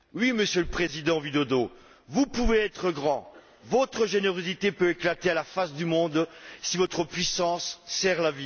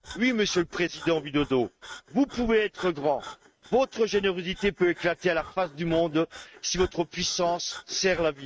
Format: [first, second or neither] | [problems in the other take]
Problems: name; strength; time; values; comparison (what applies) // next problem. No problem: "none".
first | noise reduction (neural mask model RNNoise)